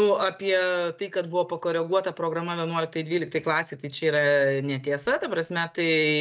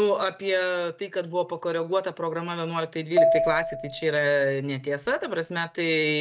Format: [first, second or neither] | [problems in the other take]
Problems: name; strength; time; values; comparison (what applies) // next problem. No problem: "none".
first | background sound (Marimba, xylophone); 1 dB below the speech